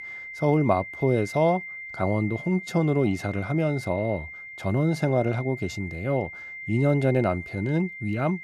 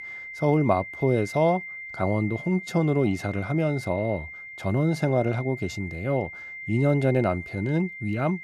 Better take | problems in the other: neither | high-pitched whine; noticeable; throughout; 2 kHz, 10 dB below the speech; the same in both

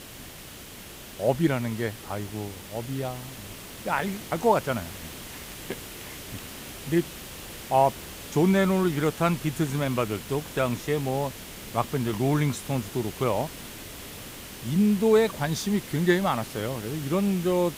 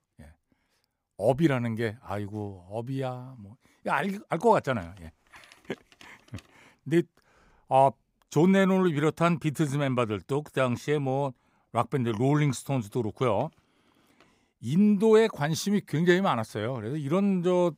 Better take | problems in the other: second | hiss; noticeable; throughout; 15 dB below the speech

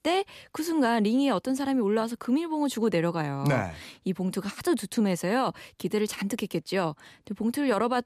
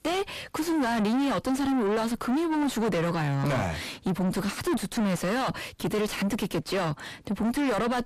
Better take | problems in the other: first | distortion; heavy; 4 dB below the speech

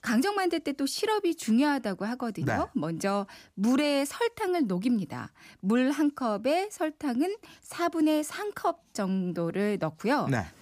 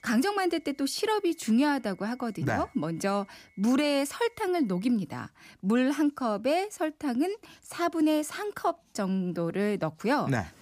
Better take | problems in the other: first | high-pitched whine; faint; until 5 s; 2 kHz, 35 dB below the speech

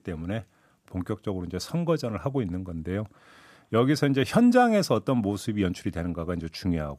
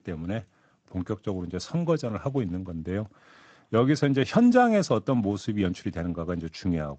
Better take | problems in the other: first | garbled, watery; slightly; nothing above 8 kHz

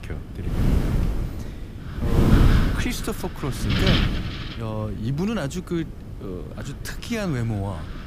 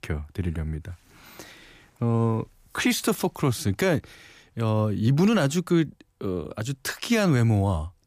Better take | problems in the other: second | wind noise on the microphone; heavy; 3 dB above the speech

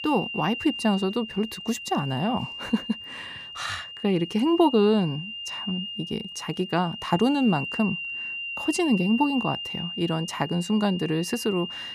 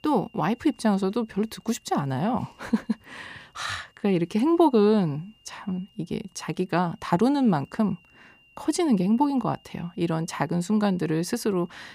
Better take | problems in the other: second | high-pitched whine; loud; throughout; 3 kHz, 7 dB below the speech; faint in the second

